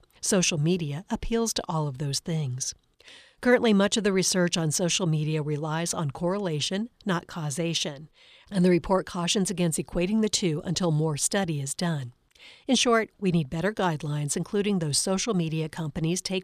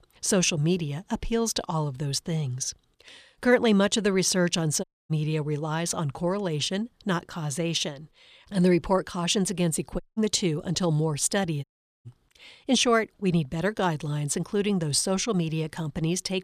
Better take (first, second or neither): first